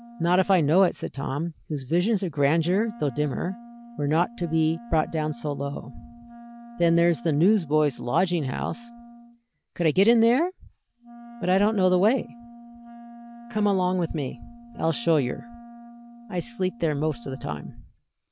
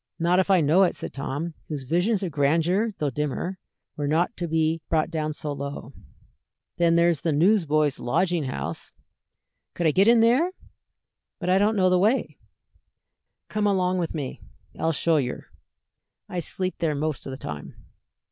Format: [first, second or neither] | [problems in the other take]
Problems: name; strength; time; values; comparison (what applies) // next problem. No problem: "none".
second | background sound (Wind instrument, woodwind instrument); 19 dB below the speech